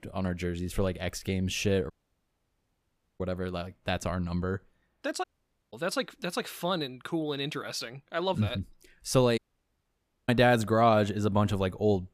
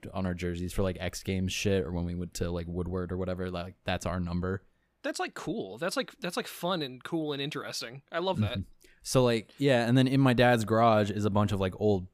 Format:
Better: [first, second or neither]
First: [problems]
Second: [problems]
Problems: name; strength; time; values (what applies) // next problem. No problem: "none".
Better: second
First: audio cutting out; at 2 s for 1.5 s, at 5 s and at 9.5 s for 1 s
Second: none